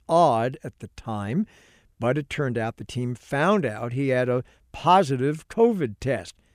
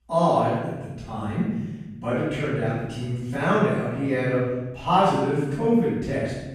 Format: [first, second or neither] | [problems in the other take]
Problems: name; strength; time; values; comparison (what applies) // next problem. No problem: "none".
first | off-mic speech; far // room echo; strong; dies away in 1.1 s